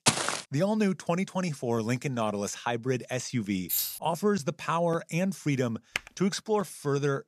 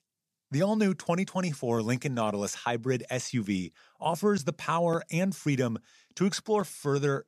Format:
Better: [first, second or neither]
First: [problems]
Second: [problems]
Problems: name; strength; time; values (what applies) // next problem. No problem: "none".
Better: second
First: footsteps; loud; at the start; peak 5 dB above the speech // jangling keys; loud; at 3.5 s; peak 1 dB above the speech // keyboard typing; very faint; at 6 s; peak 6 dB below the speech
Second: none